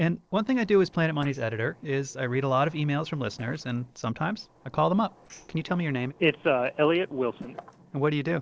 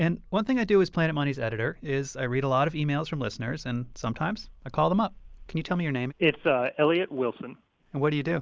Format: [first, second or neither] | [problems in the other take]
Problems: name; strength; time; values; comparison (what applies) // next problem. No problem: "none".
second | noise reduction (neural separator model SepFormer DNS4)